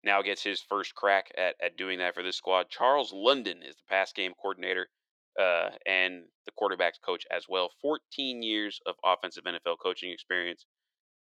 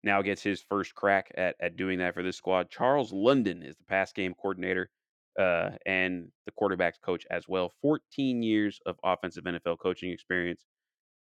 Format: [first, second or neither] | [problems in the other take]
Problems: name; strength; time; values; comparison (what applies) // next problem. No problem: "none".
second | thin; somewhat; fading below 500 Hz